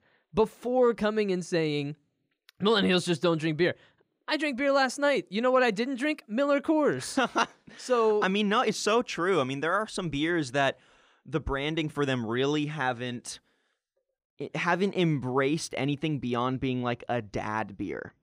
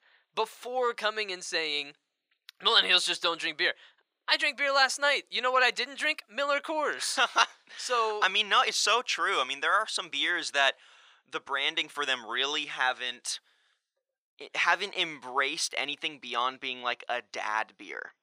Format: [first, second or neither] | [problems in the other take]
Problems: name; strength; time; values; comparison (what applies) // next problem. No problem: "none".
first | thin; very; fading below 900 Hz